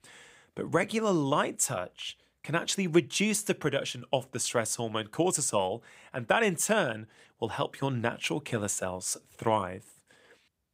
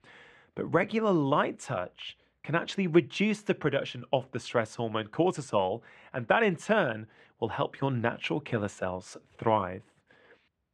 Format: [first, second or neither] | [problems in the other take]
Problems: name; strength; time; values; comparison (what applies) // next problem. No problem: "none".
first | muffled; very; fading above 2.5 kHz